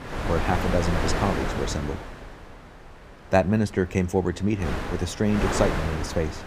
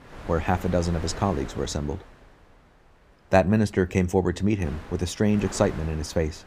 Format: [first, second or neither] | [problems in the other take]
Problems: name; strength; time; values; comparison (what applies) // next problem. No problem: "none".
second | wind noise on the microphone; heavy; 2 dB below the speech; occasional gusts in the second